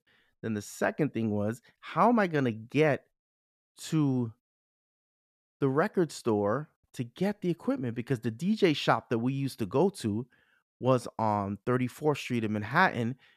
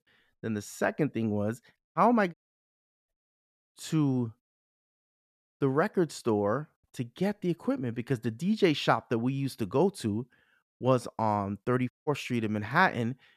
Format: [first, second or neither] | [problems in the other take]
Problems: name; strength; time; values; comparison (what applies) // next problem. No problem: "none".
first | audio cutting out; at 2 s, at 2.5 s for 0.5 s and at 12 s